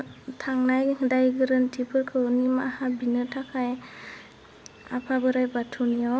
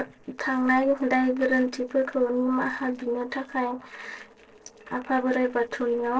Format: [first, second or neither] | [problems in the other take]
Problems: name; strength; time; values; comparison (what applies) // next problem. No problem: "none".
first | noise reduction (neural separator model SepFormer DNS4)